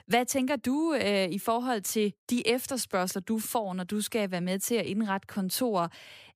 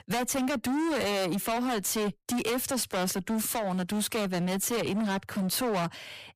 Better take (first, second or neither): first